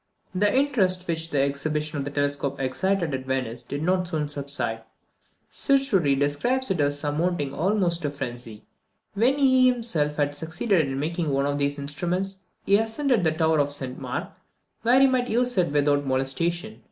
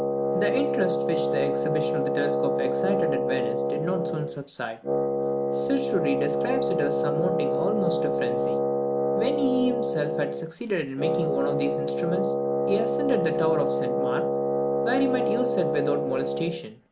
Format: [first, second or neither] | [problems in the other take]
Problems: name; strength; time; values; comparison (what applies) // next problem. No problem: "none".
first | background sound (Wind instrument, woodwind instrument); 4 dB above the speech